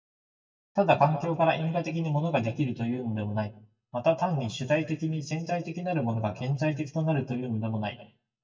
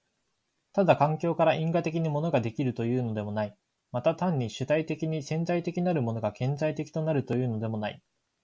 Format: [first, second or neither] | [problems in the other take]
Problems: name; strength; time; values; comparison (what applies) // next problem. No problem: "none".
second | noise reduction (neural mask model DeepFilterNet 3)